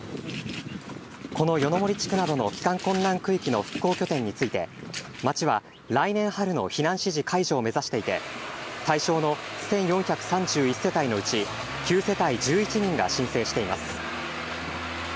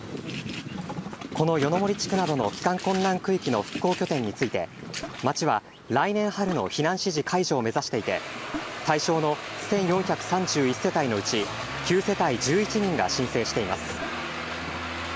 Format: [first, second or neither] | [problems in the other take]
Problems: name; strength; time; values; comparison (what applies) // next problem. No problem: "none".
first | background sound (Ocean); 18 dB below the speech